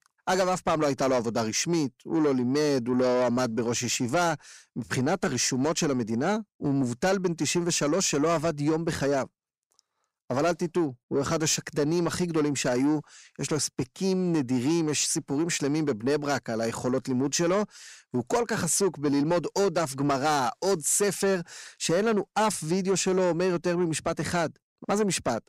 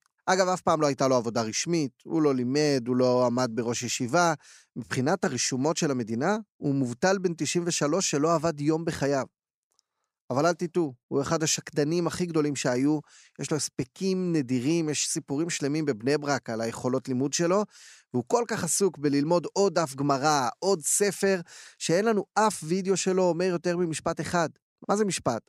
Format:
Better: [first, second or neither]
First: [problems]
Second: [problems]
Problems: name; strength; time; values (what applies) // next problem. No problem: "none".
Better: second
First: distortion; slight; 10 dB below the speech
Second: none